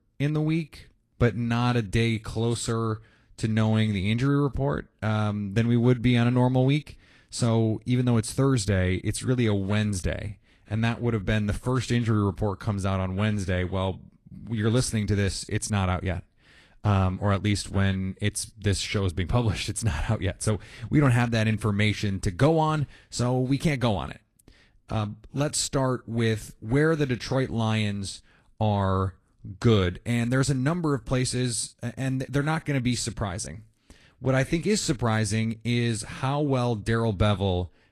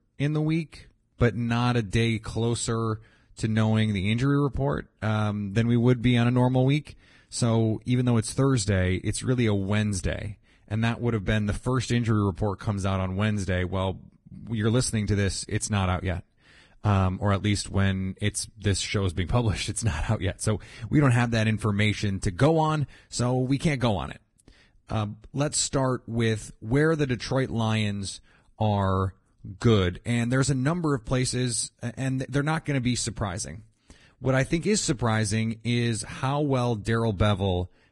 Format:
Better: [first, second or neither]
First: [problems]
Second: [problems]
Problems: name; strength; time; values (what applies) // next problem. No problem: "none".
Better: first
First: garbled, watery; slightly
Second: garbled, watery; badly